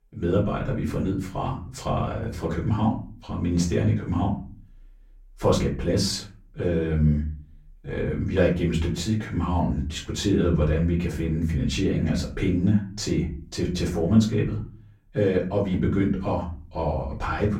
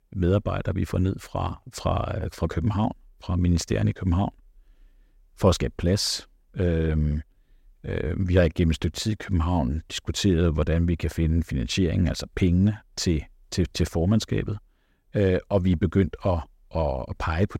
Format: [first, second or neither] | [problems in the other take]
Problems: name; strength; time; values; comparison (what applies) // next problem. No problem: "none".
second | room echo; slight; dies away in 0.4 s // off-mic speech; far